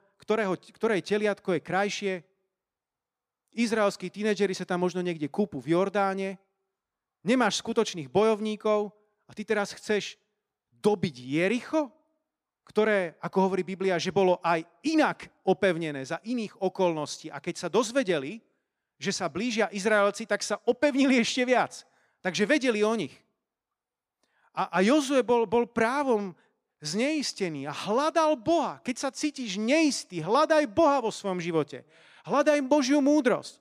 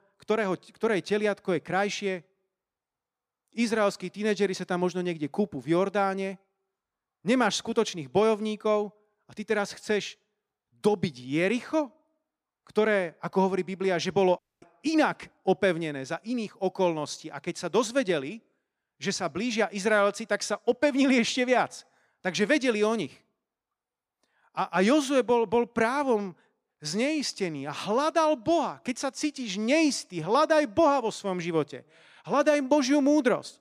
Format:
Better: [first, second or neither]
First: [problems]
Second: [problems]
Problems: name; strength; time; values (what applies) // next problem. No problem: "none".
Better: first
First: none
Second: audio cutting out; at 14 s